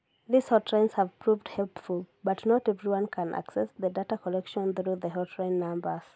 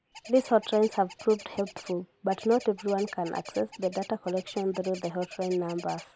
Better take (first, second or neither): first